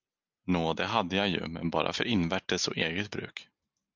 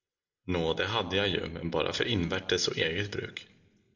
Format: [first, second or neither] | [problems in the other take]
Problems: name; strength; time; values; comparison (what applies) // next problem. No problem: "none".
first | room echo; dies away in 0.8 s